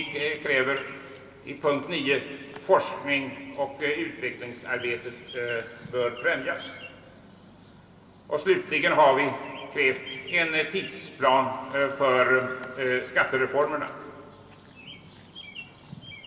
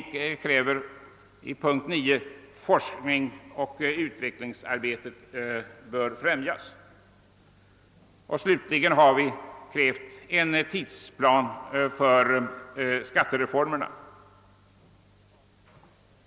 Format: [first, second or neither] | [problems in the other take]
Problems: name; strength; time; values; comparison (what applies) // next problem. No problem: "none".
second | background sound (Bird vocalization, bird call, bird song); 20 dB below the speech // room echo; dies away in 2.6 s